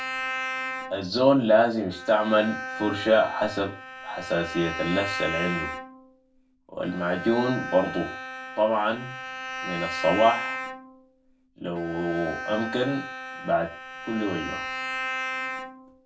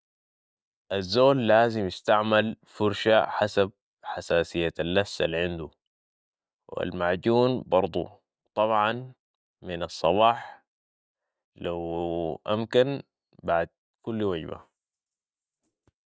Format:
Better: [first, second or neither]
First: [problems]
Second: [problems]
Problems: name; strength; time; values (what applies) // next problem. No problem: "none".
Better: second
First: background sound (Bowed string instrument); 8 dB below the speech // room echo; dies away in 0.2 s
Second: none